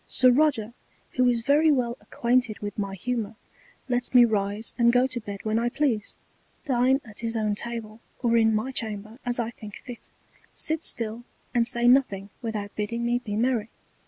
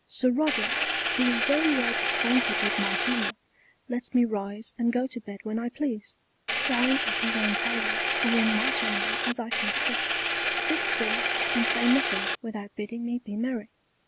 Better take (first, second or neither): first